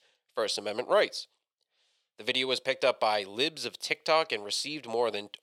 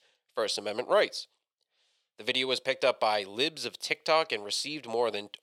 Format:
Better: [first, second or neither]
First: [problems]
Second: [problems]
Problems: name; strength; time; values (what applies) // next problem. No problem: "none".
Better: neither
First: thin; very; fading below 500 Hz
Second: thin; very; fading below 500 Hz